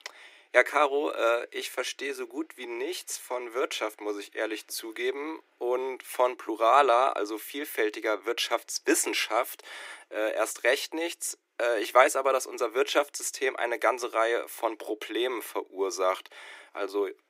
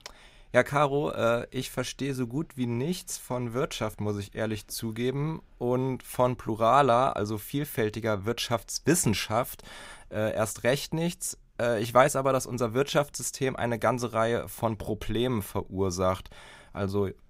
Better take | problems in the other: second | thin; very; fading below 300 Hz

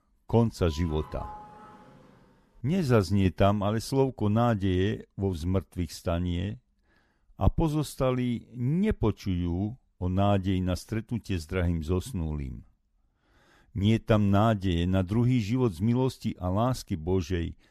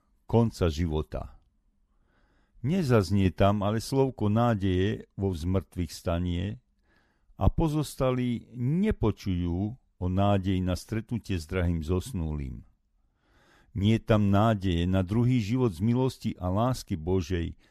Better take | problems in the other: second | doorbell; faint; from 0.5 to 2.5 s; peak 15 dB below the speech

